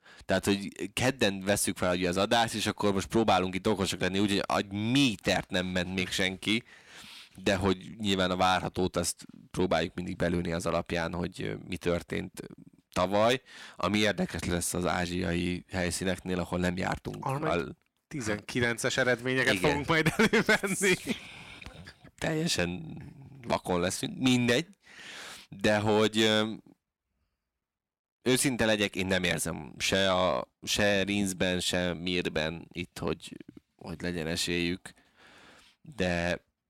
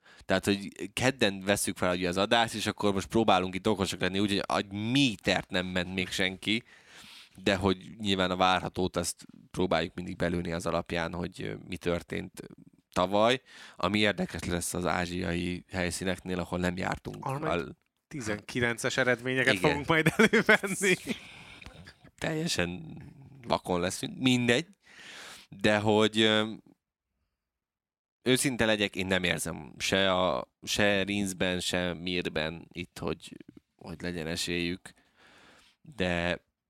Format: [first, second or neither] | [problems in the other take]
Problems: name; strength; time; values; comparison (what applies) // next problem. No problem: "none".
second | distortion; slight; 10 dB below the speech